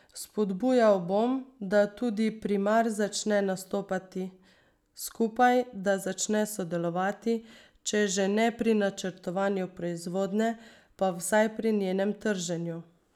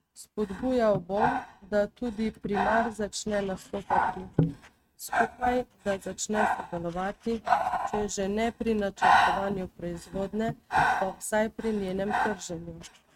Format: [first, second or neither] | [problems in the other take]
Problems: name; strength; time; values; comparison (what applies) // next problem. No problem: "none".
first | noise reduction (neural mask model RNNoise)